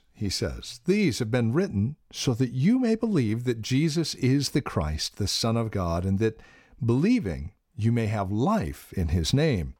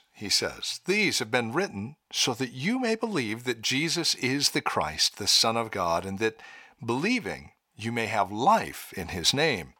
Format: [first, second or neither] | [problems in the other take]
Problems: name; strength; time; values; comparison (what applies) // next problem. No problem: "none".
first | thin; somewhat; fading below 900 Hz